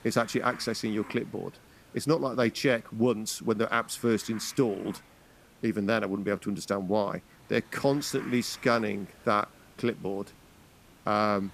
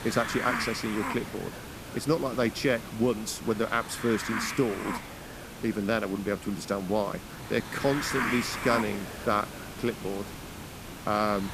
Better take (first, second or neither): first